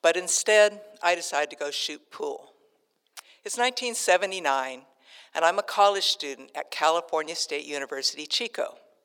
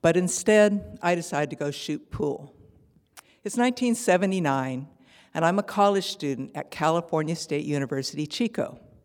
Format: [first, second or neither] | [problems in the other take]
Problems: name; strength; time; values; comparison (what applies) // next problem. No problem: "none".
second | thin; very; fading below 500 Hz